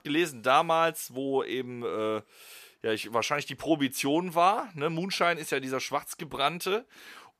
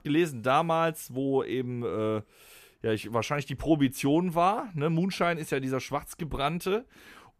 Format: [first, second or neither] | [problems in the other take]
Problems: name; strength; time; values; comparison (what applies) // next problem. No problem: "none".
second | thin; very slightly; fading below 1 kHz